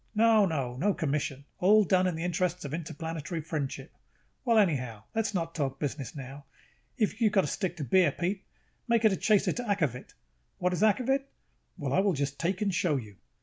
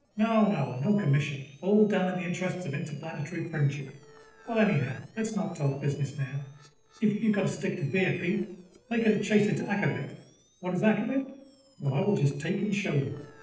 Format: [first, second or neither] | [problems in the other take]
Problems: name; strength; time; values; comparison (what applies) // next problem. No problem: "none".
first | noise reduction (neural separator model SepFormer DNS4)